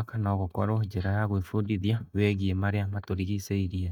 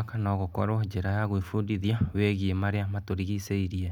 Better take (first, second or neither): second